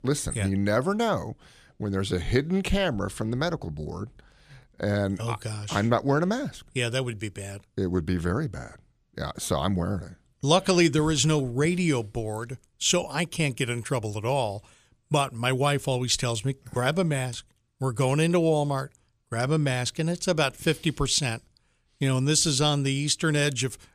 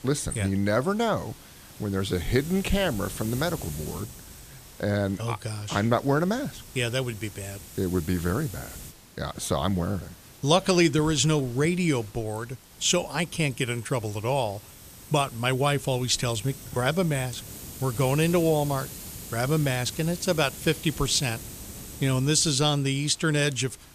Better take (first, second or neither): first